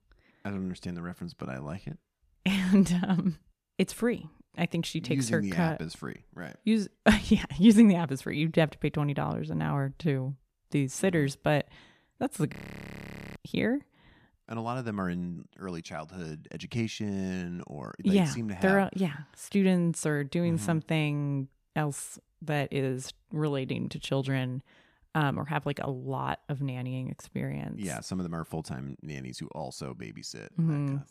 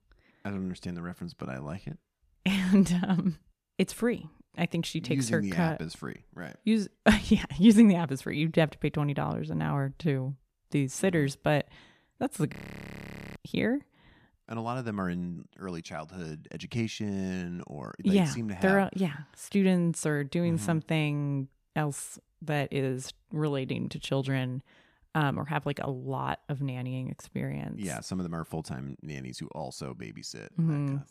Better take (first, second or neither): neither